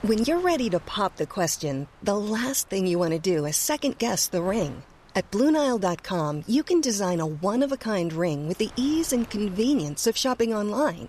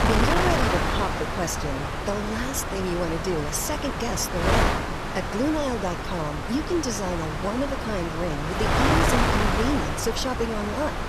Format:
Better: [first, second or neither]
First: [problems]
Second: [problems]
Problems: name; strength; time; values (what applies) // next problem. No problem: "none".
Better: first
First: wind noise on the microphone; occasional gusts; 25 dB below the speech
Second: wind noise on the microphone; heavy; 3 dB above the speech